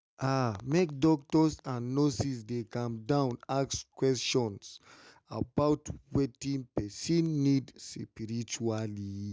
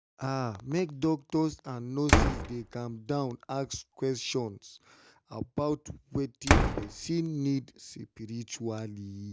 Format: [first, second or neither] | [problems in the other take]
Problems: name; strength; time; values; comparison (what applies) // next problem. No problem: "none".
first | background sound (Slam); 2 dB above the speech